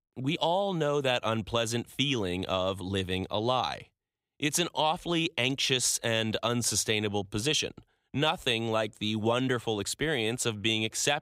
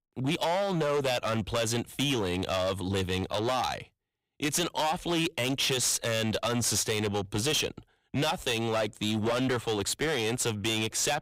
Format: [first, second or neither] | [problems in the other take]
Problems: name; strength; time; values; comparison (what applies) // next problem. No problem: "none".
first | distortion; heavy; 16% of the sound clipped